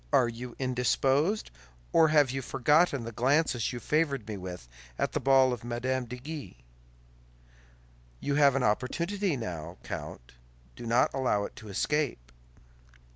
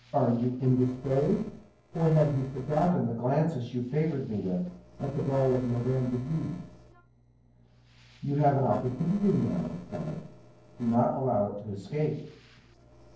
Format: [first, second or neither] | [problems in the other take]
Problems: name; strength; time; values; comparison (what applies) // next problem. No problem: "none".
first | noise reduction (neural separator model SepFormer DNS4)